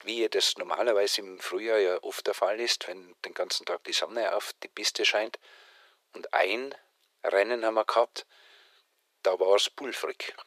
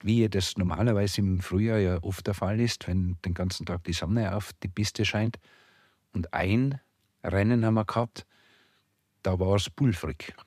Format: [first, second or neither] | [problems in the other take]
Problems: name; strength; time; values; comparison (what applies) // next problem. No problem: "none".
second | thin; very; fading below 400 Hz